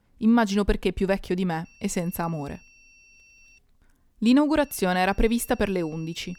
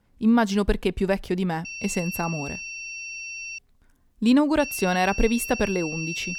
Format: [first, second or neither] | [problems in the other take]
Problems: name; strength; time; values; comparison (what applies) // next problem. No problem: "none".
first | high-pitched whine; loud; from 1.5 to 3.5 s and from 4.5 s on; 2.5 kHz, 9 dB below the speech; faint in the first